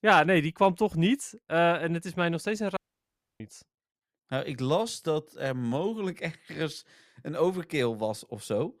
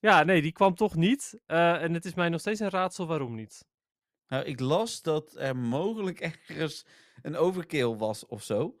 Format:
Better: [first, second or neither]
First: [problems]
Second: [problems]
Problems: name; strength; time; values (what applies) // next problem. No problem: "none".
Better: second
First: audio cutting out; at 3 s for 0.5 s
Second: none